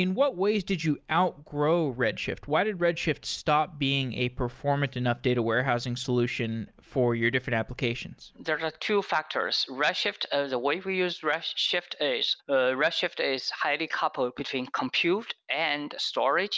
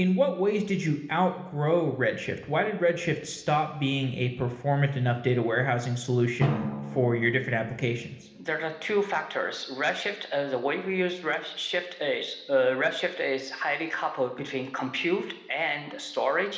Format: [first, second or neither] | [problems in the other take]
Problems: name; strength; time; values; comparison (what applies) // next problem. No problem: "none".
first | background sound (Drum); 14 dB below the speech // room echo; dies away in 1 s